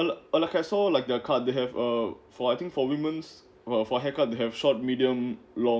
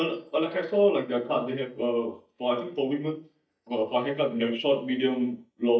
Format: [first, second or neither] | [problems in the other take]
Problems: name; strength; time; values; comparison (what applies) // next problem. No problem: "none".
first | noise reduction (neural mask model DeepFilterNet 3)